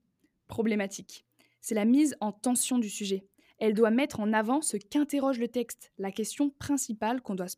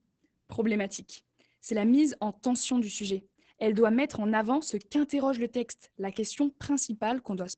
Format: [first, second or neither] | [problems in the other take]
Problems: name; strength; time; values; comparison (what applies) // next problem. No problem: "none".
first | garbled, watery; badly; nothing above 8 kHz